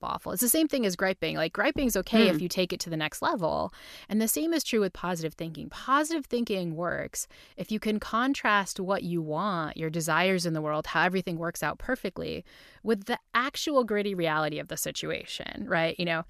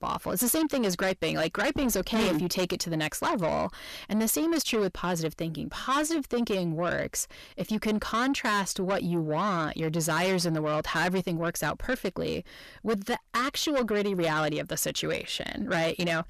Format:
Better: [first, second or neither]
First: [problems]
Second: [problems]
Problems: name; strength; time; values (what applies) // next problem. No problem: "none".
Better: first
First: none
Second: distortion; heavy; 8 dB below the speech